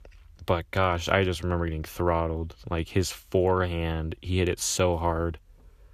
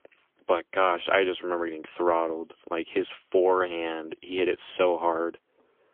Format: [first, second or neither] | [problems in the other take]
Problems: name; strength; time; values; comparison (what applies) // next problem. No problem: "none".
first | phone-call audio; poor line; nothing above 3.5 kHz